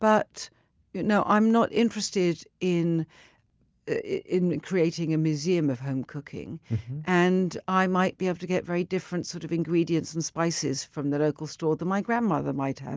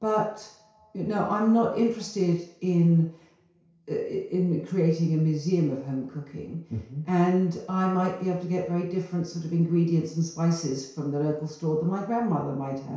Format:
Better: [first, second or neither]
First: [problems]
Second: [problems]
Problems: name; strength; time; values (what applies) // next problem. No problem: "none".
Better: first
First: none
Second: room echo; dies away in 0.6 s